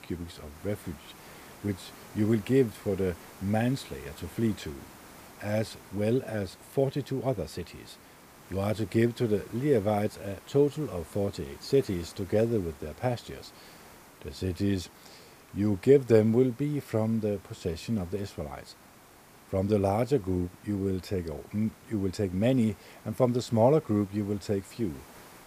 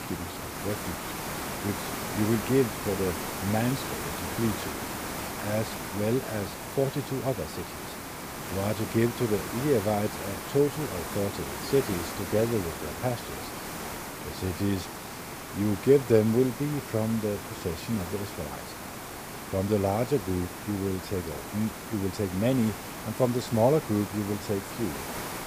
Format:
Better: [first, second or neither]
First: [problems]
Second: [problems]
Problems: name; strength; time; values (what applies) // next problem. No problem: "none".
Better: first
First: hiss; faint; throughout; 20 dB below the speech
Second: hiss; loud; throughout; 6 dB below the speech